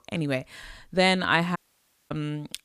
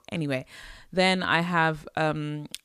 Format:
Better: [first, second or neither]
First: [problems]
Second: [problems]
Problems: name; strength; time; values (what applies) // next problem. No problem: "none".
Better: second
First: audio cutting out; at 1.5 s for 0.5 s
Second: none